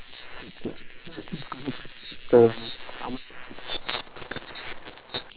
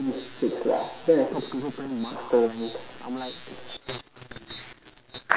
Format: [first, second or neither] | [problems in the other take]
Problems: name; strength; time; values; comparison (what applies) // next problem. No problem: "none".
second | noise reduction (neural separator model SepFormer WHAM!)